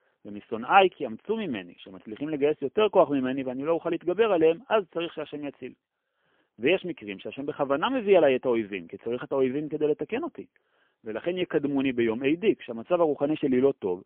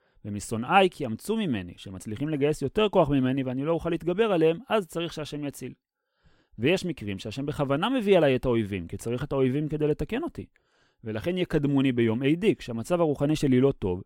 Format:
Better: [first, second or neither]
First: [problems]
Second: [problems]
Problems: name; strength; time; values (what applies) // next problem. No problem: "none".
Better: second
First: phone-call audio; poor line; nothing above 3 kHz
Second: none